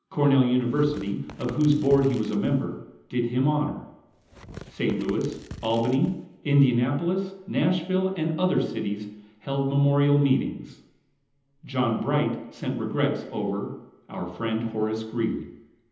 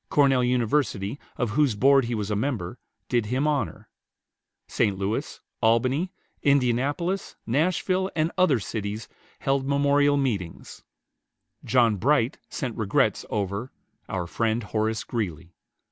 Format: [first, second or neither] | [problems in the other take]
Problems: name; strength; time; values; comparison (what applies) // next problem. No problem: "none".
second | background sound (Tearing); 19 dB below the speech // room echo; dies away in 0.9 s